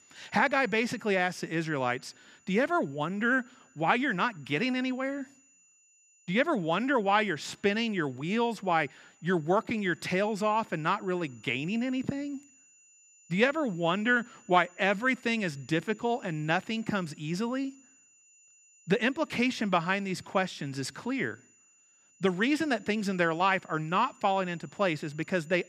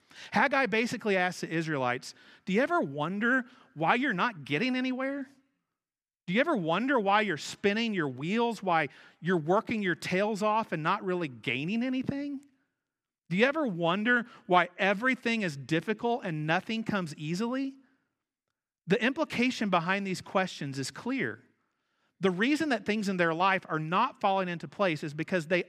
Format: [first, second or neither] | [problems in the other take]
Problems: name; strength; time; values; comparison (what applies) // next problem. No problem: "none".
second | high-pitched whine; faint; throughout; 7 kHz, 30 dB below the speech